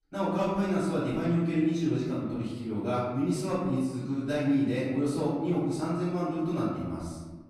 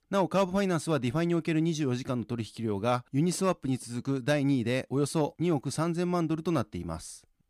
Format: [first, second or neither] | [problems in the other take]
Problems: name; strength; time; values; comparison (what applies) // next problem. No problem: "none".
second | off-mic speech; far // room echo; strong; dies away in 1.4 s